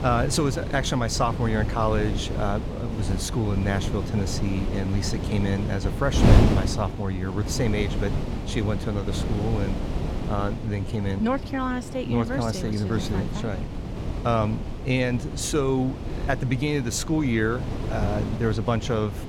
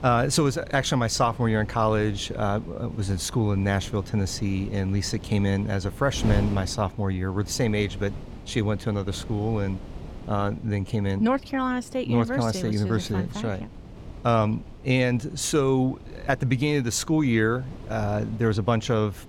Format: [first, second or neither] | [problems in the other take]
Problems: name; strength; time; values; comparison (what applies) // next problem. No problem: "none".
second | wind noise on the microphone; heavy; 7 dB below the speech; occasional gusts in the second